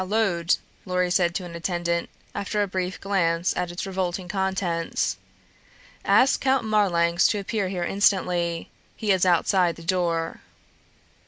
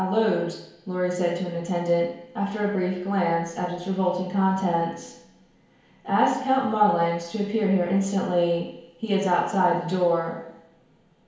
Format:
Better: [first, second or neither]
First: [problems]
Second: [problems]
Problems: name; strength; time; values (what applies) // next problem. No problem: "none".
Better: first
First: none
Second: room echo; dies away in 1 s